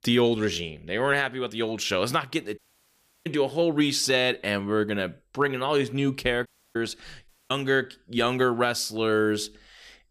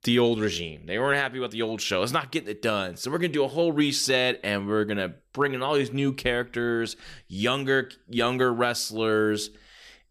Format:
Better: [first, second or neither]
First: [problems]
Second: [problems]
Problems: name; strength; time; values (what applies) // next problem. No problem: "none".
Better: second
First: audio cutting out; at 2.5 s for 0.5 s, at 6.5 s and at 7.5 s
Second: none